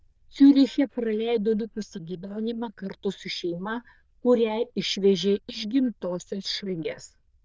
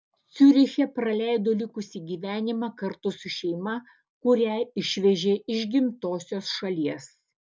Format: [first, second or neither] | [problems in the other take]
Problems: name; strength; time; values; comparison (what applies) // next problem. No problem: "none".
second | noise reduction (neural diffusion model UNIVERSE++)